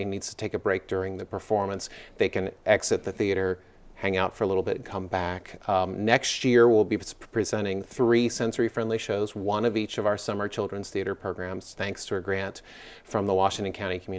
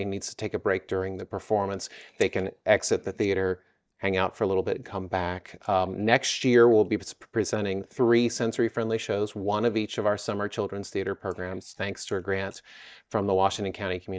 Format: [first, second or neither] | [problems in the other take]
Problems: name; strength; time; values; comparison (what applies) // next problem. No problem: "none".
first | noise reduction (neural mask model DeepFilterNet 3)